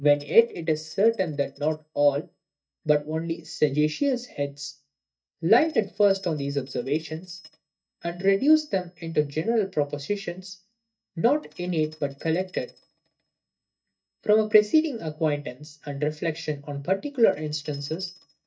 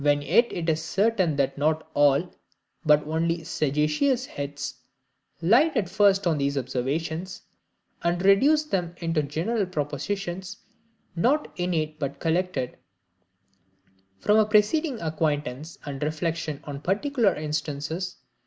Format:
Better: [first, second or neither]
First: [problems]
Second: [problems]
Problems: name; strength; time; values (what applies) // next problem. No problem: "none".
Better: second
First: noise reduction (neural mask model DeepFilterNet 3)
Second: none